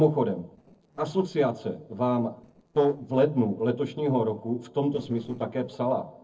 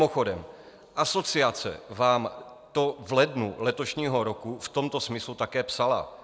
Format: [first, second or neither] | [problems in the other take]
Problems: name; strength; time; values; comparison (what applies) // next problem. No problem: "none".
second | noise reduction (neural separator model SepFormer DNS4)